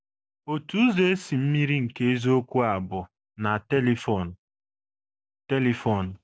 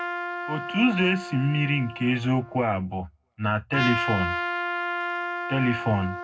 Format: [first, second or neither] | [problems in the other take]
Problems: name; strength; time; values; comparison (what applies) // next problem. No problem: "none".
first | background sound (Trumpet); 5 dB below the speech // room echo; dies away in 0.3 s